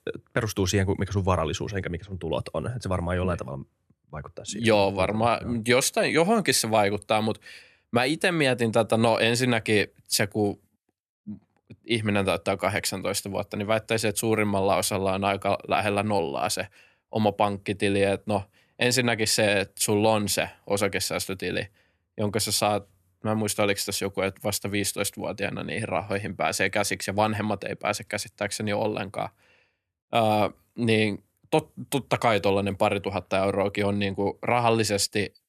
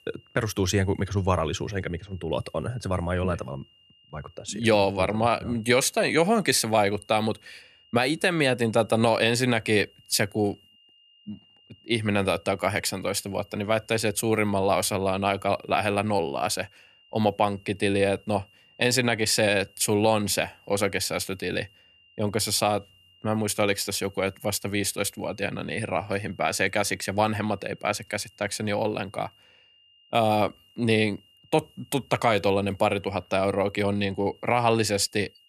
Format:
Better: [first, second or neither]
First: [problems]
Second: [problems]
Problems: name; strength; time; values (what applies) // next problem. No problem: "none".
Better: first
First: none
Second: high-pitched whine; faint; throughout; 3 kHz, 30 dB below the speech